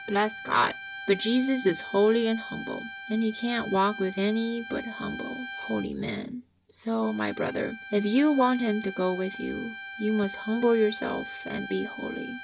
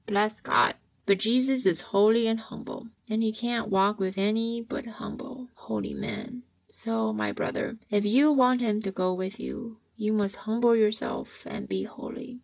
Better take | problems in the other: second | background sound (Bowed string instrument); 13 dB below the speech

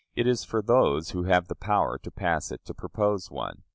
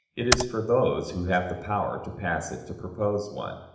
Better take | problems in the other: first | background sound (Computer keyboard); 3 dB below the speech // room echo; dies away in 0.8 s

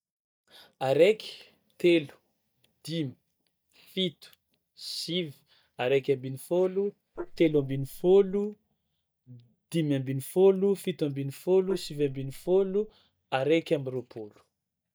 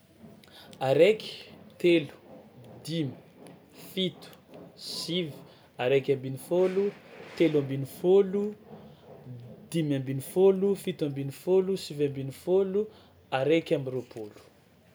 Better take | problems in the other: second | noise reduction (neural mask model DeepFilterNet 3)

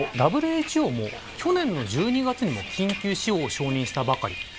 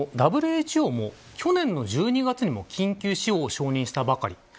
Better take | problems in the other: second | background sound (Bus); 12 dB below the speech

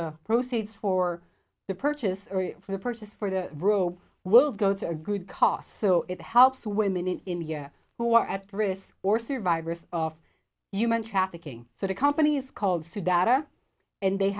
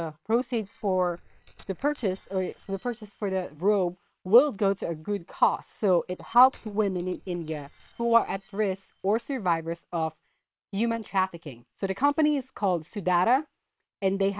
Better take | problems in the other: first | noise reduction (neural separator model SepFormer WHAM!)

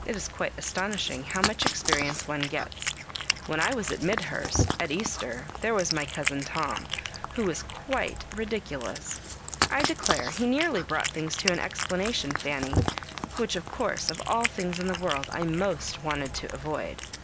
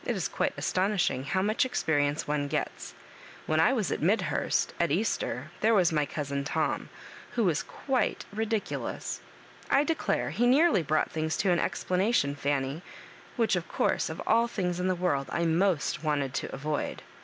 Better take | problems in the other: second | background sound (Cat); 2 dB below the speech

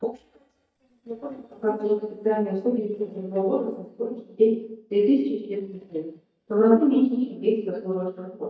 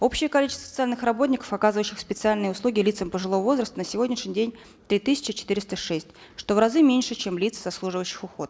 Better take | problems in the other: second | noise reduction (neural mask model DeepFilterNet 3)

